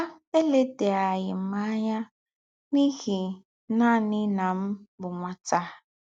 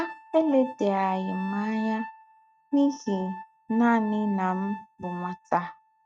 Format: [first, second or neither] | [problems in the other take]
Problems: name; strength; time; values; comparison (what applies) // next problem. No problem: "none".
first | noise reduction (neural mask model RNNoise)